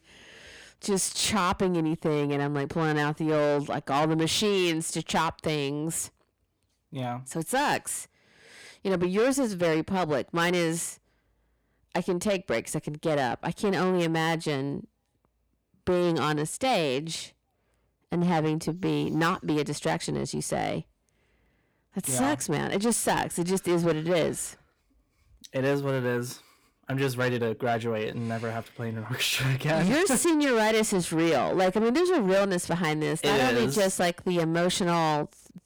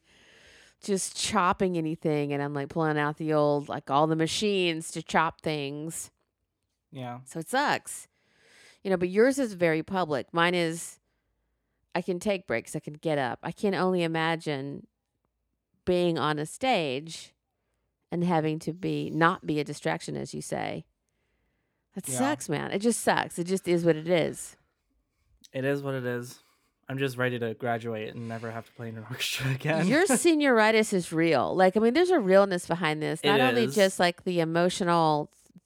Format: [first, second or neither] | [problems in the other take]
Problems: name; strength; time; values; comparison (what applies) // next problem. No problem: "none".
second | distortion; heavy; 7 dB below the speech